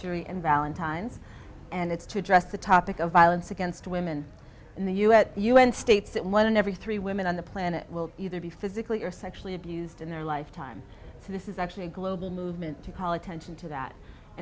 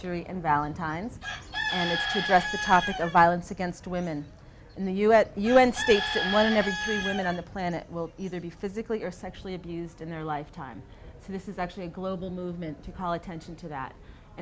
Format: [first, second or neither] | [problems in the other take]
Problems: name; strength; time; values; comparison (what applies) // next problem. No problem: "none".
first | background sound (Bird / Chicken, rooster); 6 dB below the speech